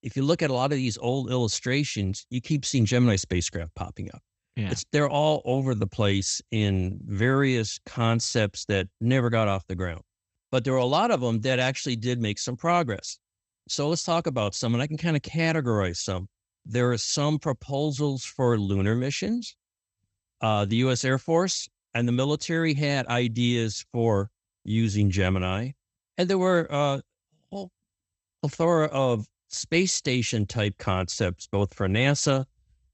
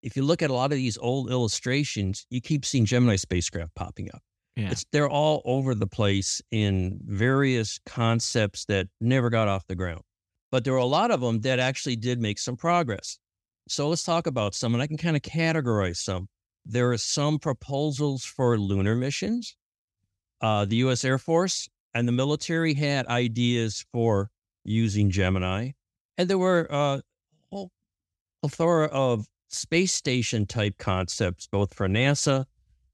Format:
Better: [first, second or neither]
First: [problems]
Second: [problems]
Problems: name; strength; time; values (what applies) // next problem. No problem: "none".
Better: second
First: garbled, watery; slightly; nothing above 8 kHz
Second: none